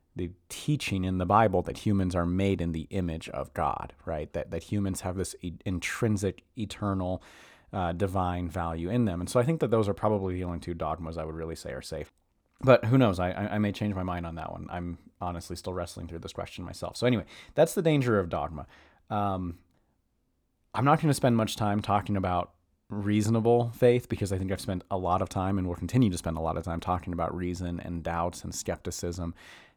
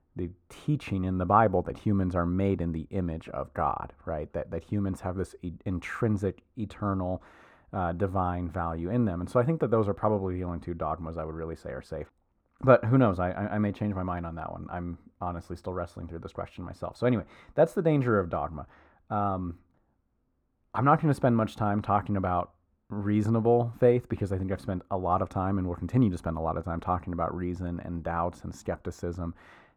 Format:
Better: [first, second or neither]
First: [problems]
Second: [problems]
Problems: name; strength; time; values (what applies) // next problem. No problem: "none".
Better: first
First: none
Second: muffled; slightly; fading above 2.5 kHz